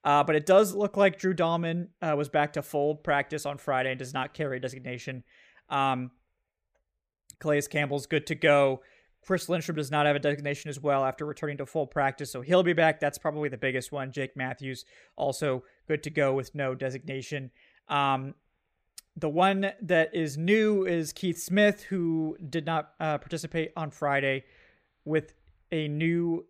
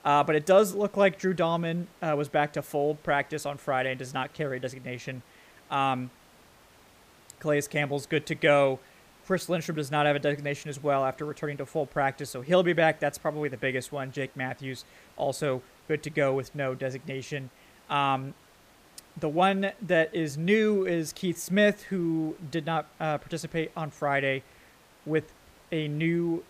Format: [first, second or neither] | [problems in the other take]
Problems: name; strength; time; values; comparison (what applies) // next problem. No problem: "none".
first | hiss; faint; throughout; 30 dB below the speech